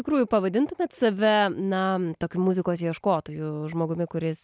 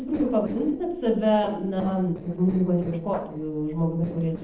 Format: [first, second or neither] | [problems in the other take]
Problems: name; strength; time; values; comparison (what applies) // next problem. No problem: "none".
first | noise reduction (neural separator model SepFormer DNS4)